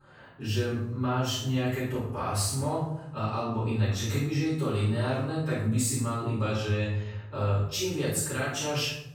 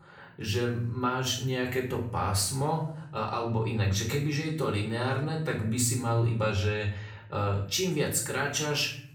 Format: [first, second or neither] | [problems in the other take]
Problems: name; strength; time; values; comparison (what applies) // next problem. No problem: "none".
second | room echo; strong; dies away in 0.8 s; slight in the second // off-mic speech; far; far in the second